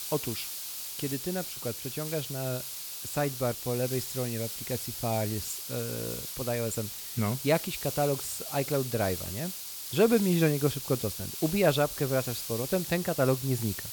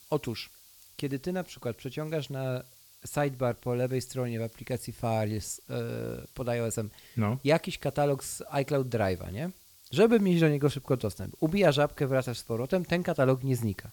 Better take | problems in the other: second | hiss; loud; throughout; 5 dB below the speech; faint in the second

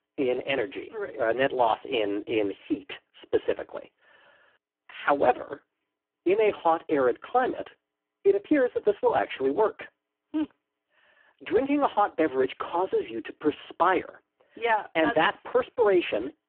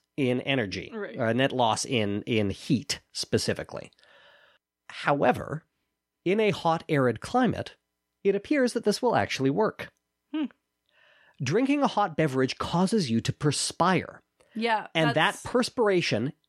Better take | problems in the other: second | phone-call audio; poor line

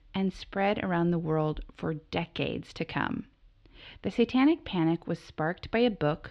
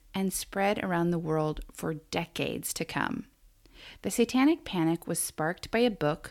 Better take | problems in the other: second | muffled; slightly; fading above 3.5 kHz

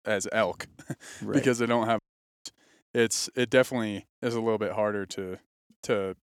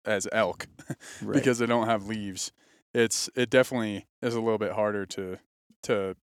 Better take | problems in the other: second | audio cutting out; at 2 s

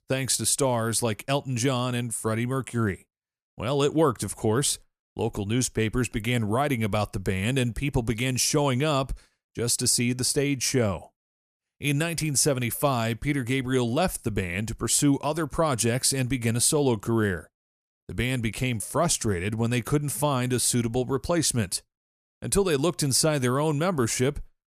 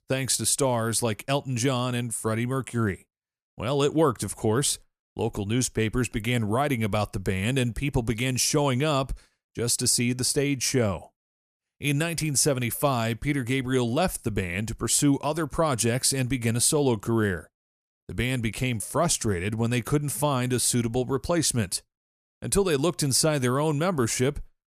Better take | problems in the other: neither | none

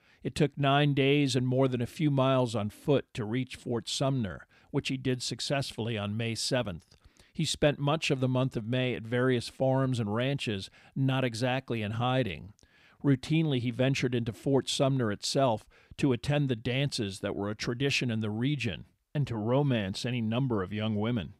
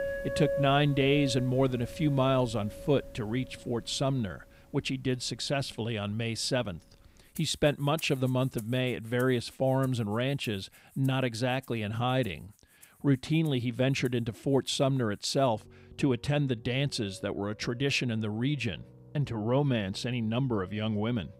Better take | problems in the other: first | background music; noticeable; throughout; 15 dB below the speech

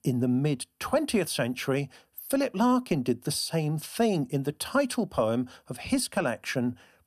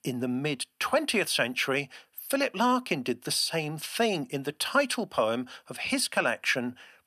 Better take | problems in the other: first | thin; very slightly; fading below 350 Hz

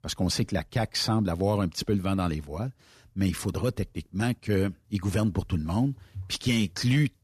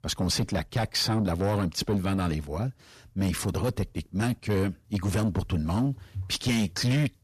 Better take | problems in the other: first | distortion; slight; 10 dB below the speech

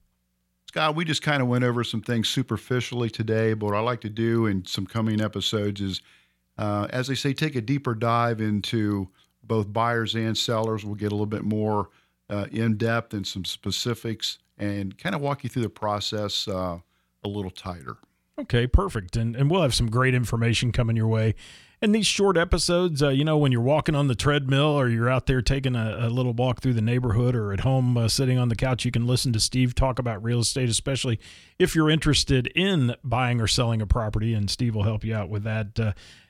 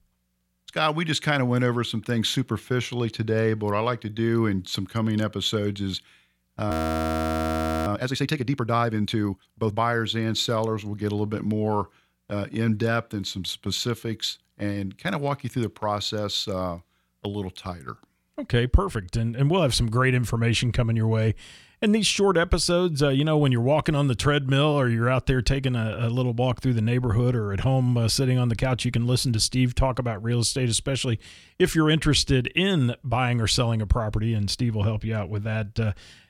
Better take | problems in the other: first | audio freezing; at 6.5 s for 1 s

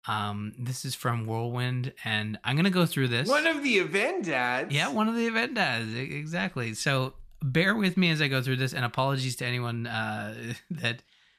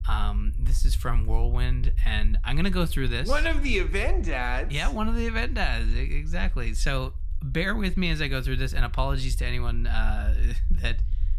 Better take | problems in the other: first | low rumble; faint; throughout; 20 dB below the speech

